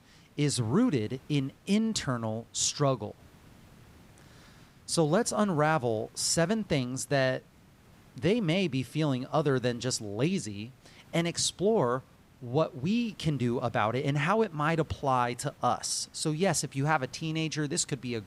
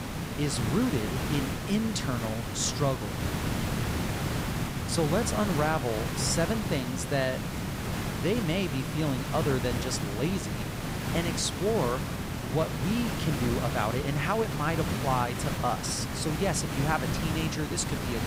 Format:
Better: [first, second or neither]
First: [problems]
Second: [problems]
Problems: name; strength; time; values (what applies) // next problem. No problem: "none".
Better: first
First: hiss; faint; throughout; 30 dB below the speech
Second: hiss; loud; throughout; 2 dB below the speech